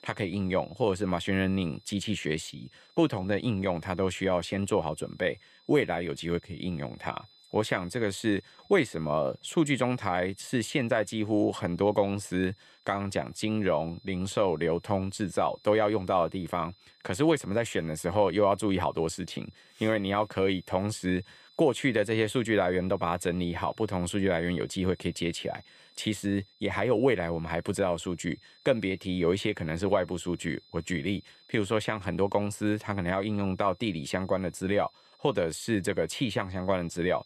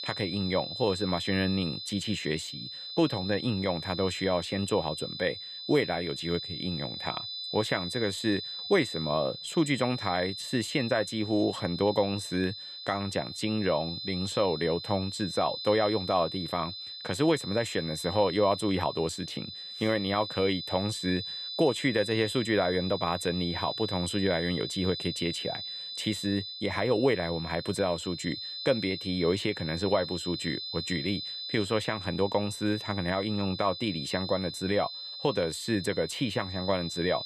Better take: first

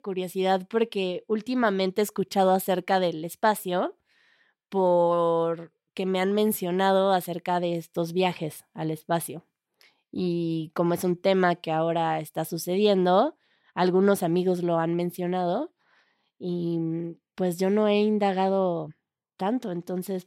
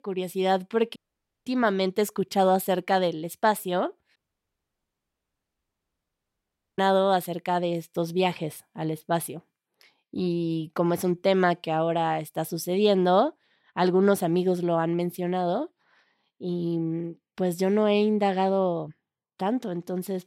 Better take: first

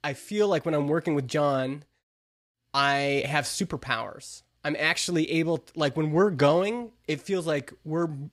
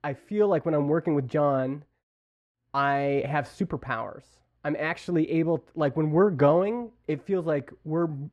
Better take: first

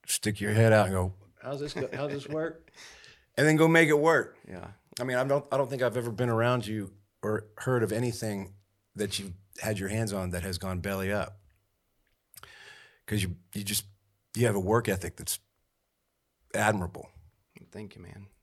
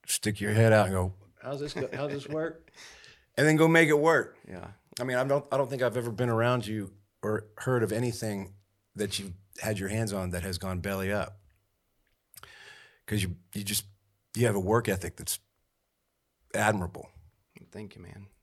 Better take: neither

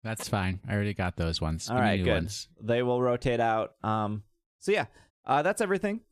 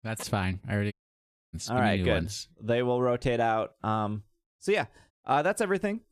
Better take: first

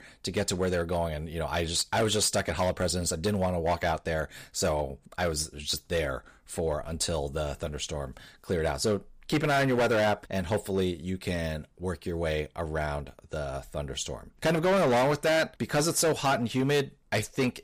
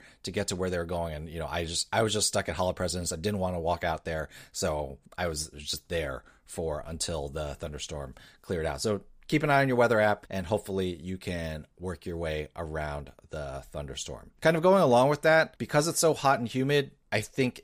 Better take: second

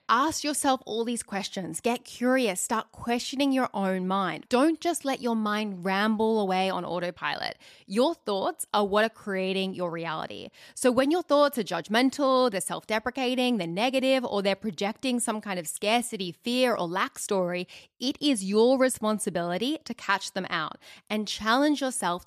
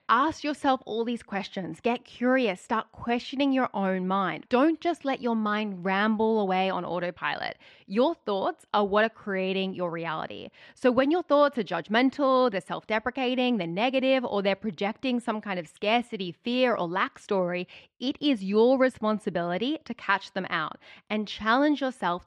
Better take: first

